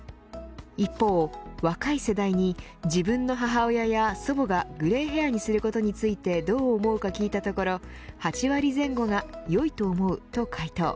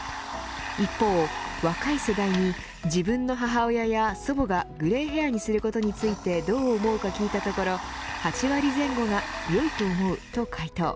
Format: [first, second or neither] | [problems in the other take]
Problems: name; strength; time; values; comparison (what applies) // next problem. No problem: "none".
first | background sound (Domestic sounds, home sounds); 10 dB below the speech